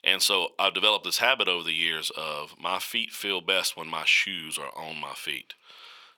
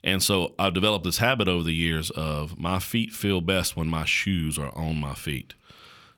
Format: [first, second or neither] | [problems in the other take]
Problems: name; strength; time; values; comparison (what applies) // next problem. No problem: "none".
second | thin; very; fading below 500 Hz